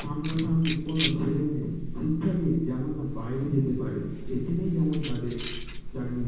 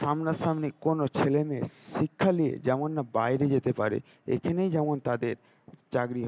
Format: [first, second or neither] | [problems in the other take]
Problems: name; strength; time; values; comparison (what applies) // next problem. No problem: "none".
second | background sound (Keys jangling); 7 dB below the speech // room echo; dies away in 1.2 s